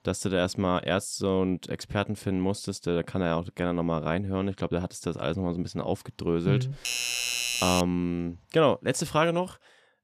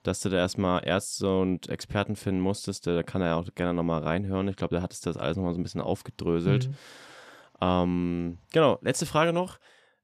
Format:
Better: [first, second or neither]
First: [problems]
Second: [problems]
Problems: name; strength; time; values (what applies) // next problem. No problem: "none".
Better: second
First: doorbell; loud; from 7 to 8 s; peak 2 dB above the speech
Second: none